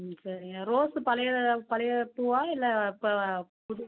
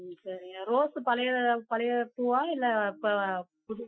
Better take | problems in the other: first | noise reduction (classical method Wiener filter)

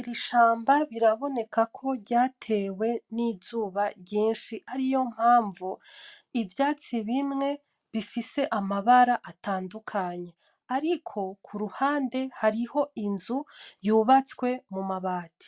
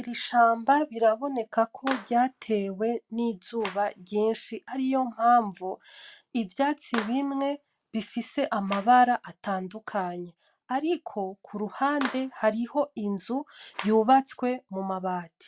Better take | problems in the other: first | background sound (Clapping); 18 dB below the speech

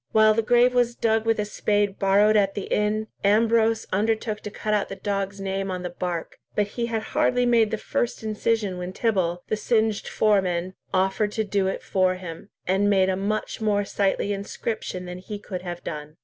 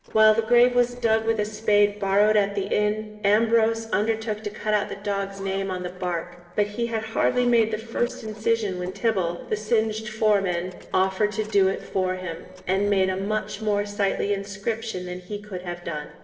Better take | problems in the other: first | noise reduction (neural separator model SepFormer DNS4)

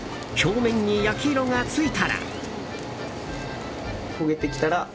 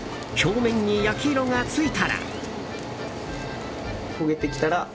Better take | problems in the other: first | background sound (Brass instrument); 19 dB below the speech

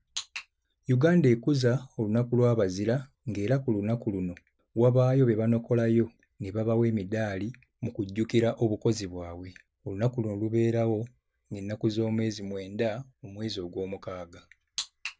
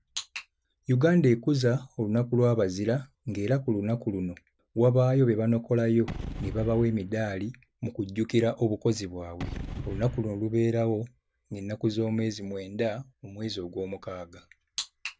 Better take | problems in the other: first | background sound (Gunshot, gunfire / Boom); 13 dB below the speech

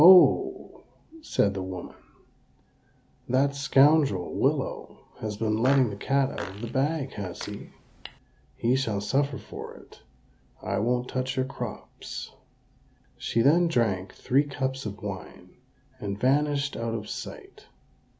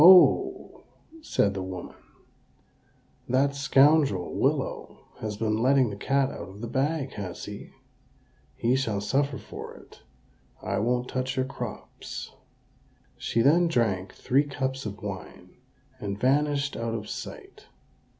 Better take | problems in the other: second | background sound (Fart); 15 dB below the speech

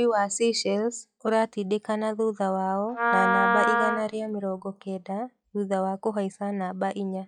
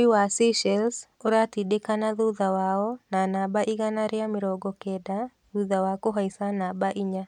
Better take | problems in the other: second | noise reduction (classical method log-MMSE)

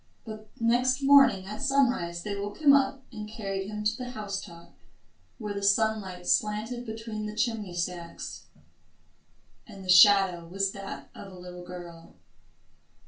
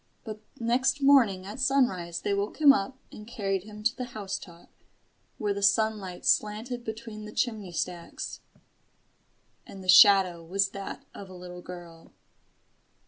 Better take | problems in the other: second | room echo; dies away in 0.2 s

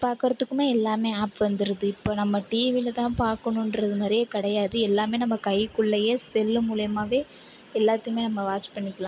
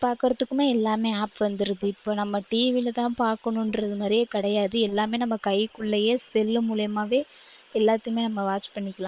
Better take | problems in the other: first | noise reduction (neural separator model SepFormer WHAM!)

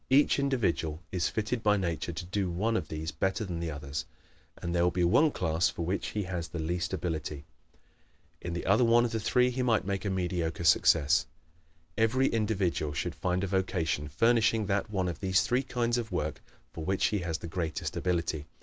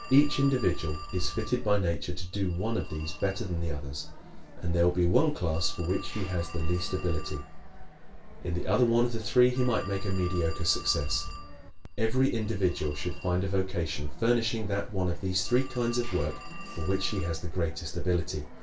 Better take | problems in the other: first | background sound (Telephone); 17 dB below the speech // room echo; dies away in 0.2 s

